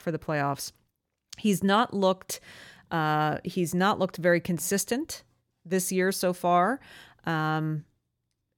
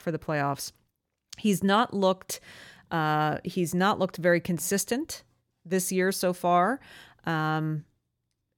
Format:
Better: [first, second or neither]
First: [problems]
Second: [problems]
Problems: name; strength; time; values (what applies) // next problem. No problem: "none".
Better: neither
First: none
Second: none